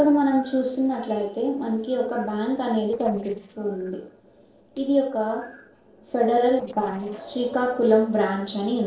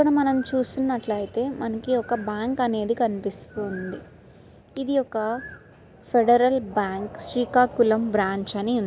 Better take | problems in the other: second | noise reduction (neural separator model SepFormer DNS4)

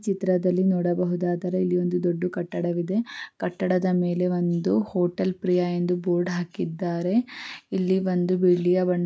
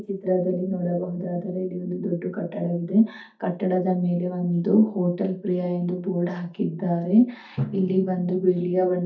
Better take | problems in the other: first | noise reduction (neural mask model DeepFilterNet 3)

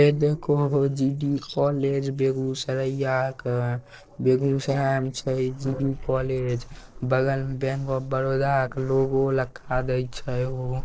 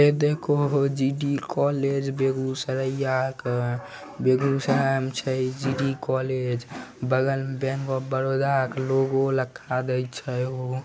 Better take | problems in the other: second | noise reduction (neural separator model SepFormer DNS4)

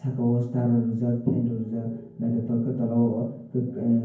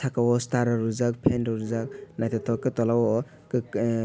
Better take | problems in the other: second | room echo; dies away in 0.9 s

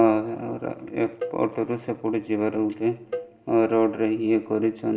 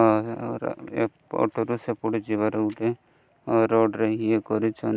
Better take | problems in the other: second | background sound (Cowbell); 16 dB below the speech // room echo; dies away in 2.5 s

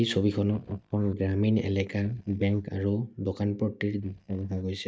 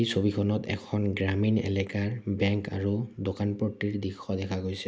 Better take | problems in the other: second | noise reduction (neural mask model DeepFilterNet 3)

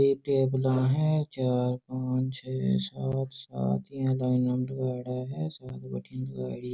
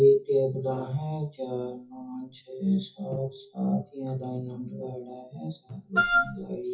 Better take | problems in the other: first | noise reduction (classical method WPE with log-MMSE)

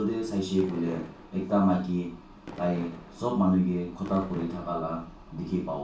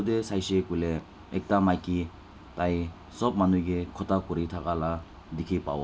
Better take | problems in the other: second | background sound (Fireworks); 17 dB below the speech // room echo; dies away in 0.4 s

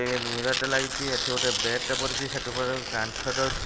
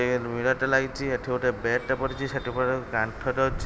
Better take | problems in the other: second | background sound (Tearing); 2 dB below the speech

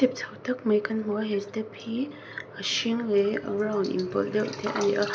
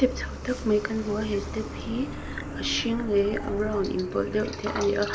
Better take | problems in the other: first | background sound (Truck); 9 dB below the speech

